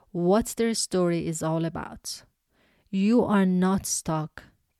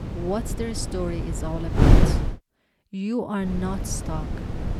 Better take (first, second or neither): first